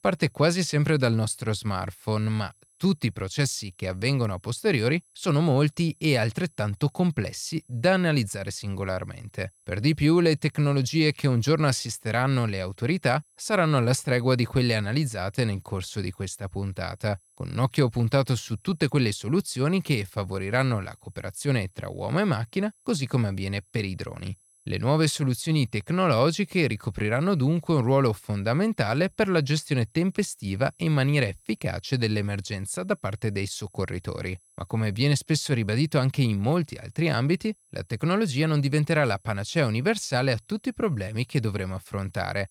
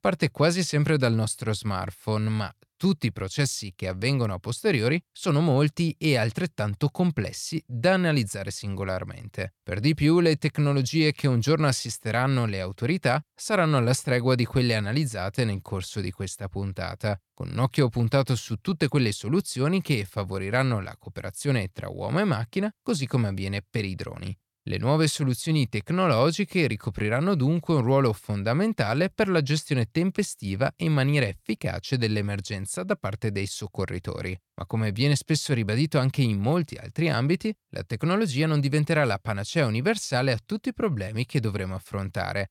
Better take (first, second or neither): second